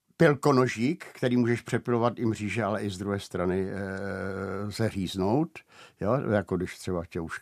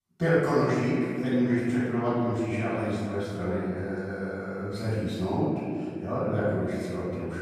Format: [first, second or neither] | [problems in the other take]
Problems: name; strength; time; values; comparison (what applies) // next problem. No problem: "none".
first | off-mic speech; far // room echo; strong; dies away in 2.2 s